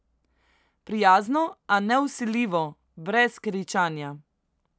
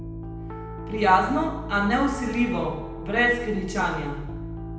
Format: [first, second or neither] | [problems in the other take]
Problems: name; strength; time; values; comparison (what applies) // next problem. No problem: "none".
first | background sound (Piano); 9 dB below the speech // room echo; dies away in 0.9 s